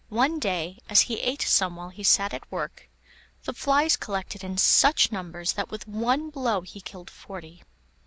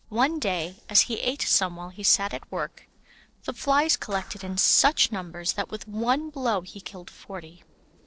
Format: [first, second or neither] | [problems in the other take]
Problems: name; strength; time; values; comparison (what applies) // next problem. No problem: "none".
first | noise reduction (neural separator model SepFormer DNS4)